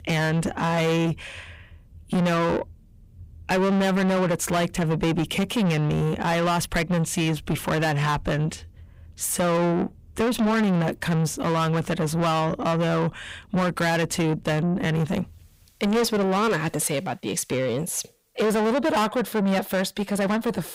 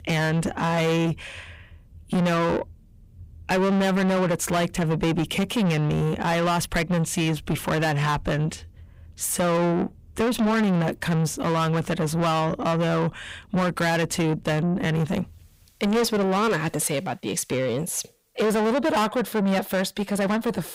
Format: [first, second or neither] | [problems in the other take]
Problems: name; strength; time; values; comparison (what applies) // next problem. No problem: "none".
neither | distortion; heavy; 6 dB below the speech; the same in both